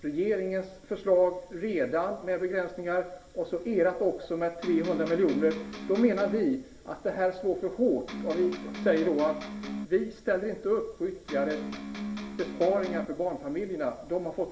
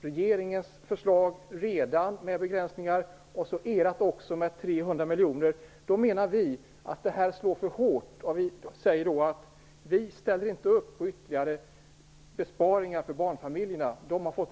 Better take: second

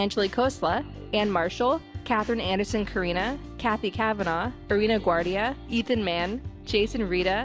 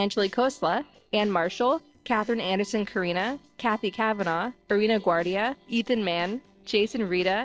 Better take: first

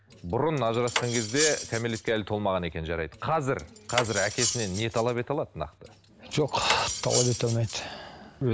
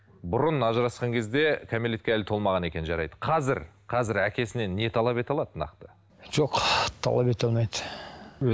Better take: second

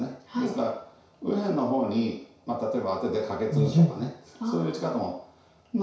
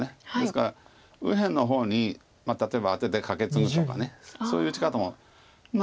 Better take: second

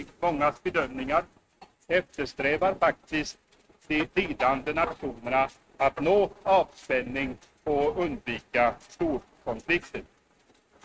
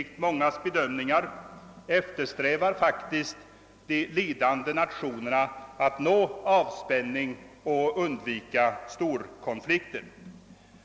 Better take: second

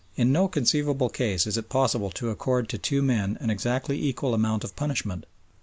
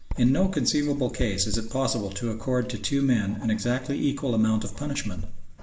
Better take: first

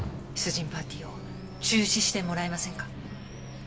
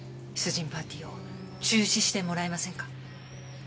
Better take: second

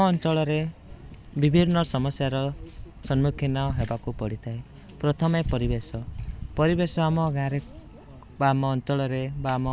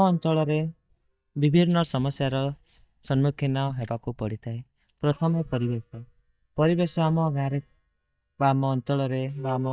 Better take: first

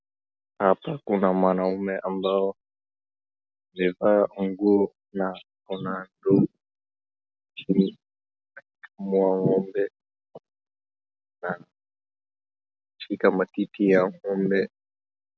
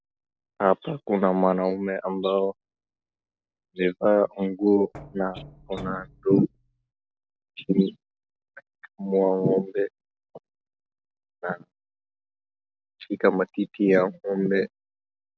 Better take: first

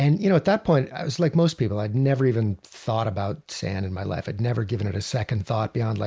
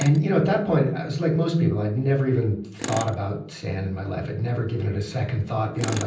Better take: first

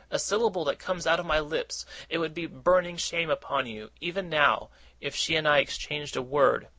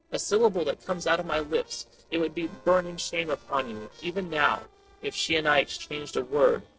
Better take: first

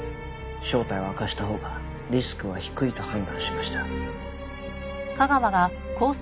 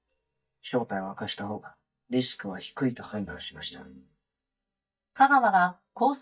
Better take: first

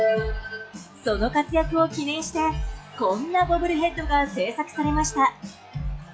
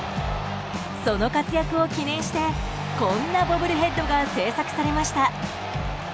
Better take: second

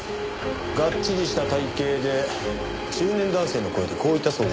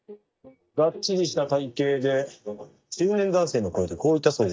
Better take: first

